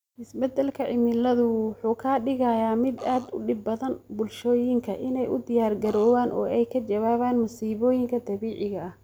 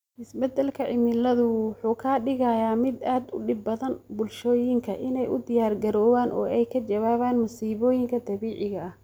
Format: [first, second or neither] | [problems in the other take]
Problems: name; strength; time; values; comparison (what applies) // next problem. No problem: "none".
second | background sound (Burping, eructation); 18 dB below the speech